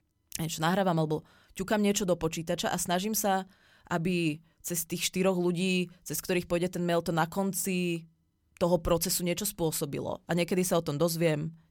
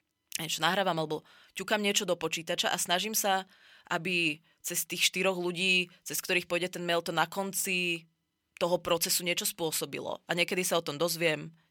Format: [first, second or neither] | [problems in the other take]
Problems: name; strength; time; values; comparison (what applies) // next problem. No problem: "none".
first | thin; very slightly; fading below 450 Hz